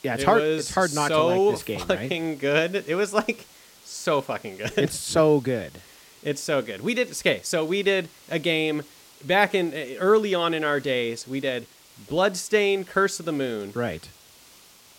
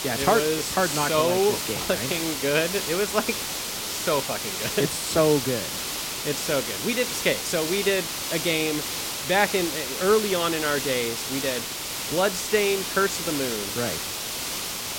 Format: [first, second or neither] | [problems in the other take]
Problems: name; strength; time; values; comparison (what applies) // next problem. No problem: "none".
first | hiss; loud; throughout; 3 dB below the speech; faint in the first